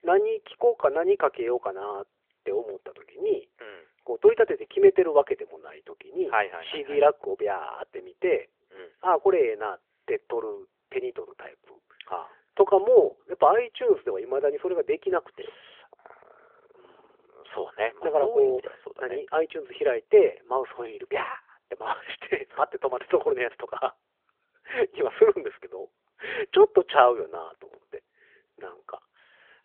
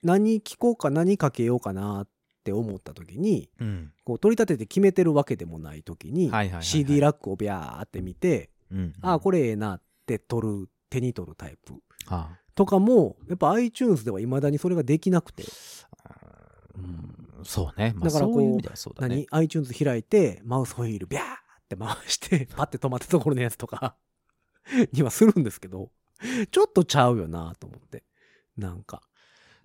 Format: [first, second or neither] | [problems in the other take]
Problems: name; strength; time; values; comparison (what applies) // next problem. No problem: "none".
second | phone-call audio; nothing above 3.5 kHz